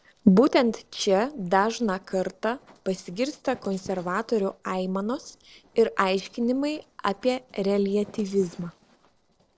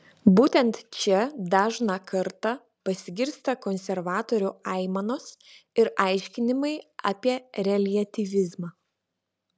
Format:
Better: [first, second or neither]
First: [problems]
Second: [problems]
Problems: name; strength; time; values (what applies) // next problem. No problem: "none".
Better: second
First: noise reduction (neural separator model SepFormer DNS4)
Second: none